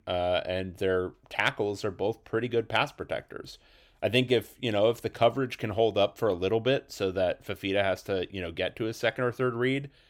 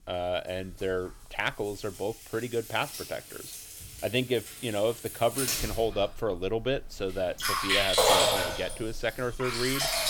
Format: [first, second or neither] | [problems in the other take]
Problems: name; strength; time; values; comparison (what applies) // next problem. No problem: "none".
first | household noises; very loud; throughout; 4 dB above the speech